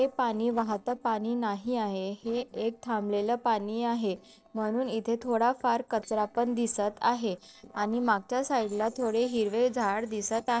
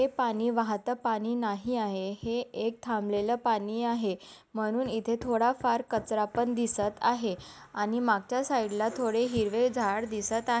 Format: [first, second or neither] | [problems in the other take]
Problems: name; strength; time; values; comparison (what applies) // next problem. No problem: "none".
second | noise reduction (neural separator model SepFormer DNS4)